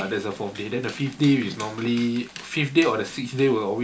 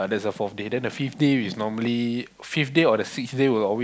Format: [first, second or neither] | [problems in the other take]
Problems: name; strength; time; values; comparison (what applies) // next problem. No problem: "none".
second | background sound (Dog); 19 dB below the speech // room echo; dies away in 0.2 s